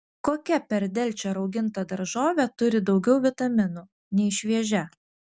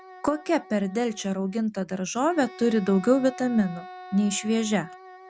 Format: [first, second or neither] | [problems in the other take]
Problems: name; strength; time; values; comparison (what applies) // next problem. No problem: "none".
first | background sound (Wind instrument, woodwind instrument); 19 dB below the speech